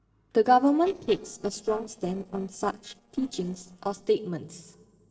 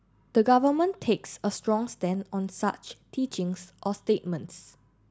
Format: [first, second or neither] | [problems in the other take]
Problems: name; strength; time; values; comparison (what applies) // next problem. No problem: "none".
second | noise reduction (neural separator model SepFormer DNS4)